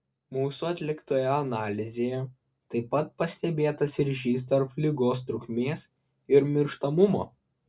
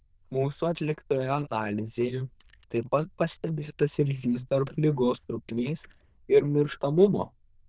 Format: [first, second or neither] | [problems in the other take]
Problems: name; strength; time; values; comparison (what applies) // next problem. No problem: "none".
first | noise reduction (neural diffusion model UNIVERSE++)